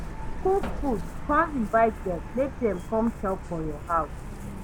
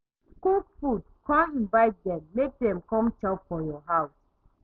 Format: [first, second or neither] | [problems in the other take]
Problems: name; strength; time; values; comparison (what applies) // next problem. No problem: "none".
second | background sound (Truck); 7 dB below the speech